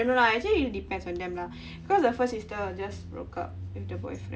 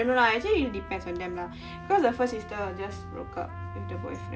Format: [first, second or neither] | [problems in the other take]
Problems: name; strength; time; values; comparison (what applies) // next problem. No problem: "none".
first | background sound (Trumpet); 17 dB below the speech